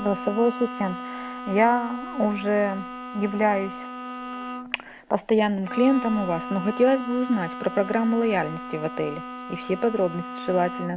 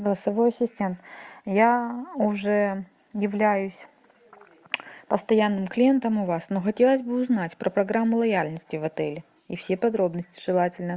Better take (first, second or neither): second